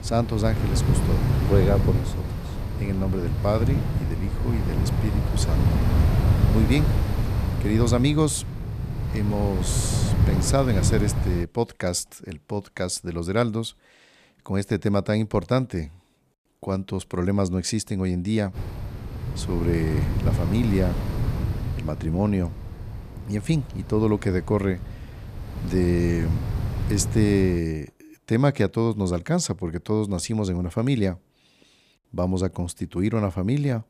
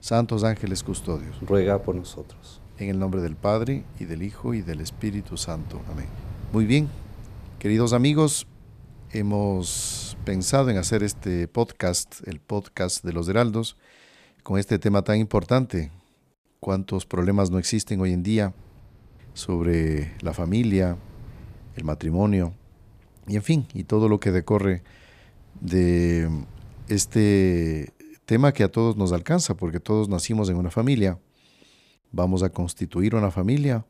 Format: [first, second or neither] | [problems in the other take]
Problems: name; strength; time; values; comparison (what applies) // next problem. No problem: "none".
second | wind noise on the microphone; heavy; until 11 s and from 19 to 28 s; 6 dB below the speech; occasional gusts in the second